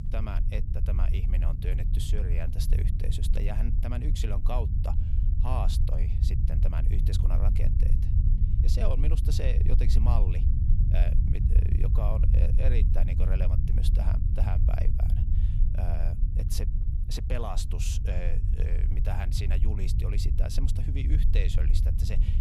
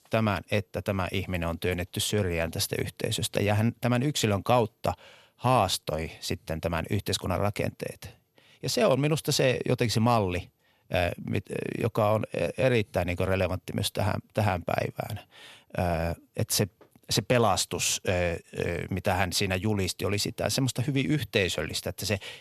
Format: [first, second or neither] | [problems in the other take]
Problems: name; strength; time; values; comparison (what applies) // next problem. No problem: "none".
second | low rumble; loud; throughout; 4 dB below the speech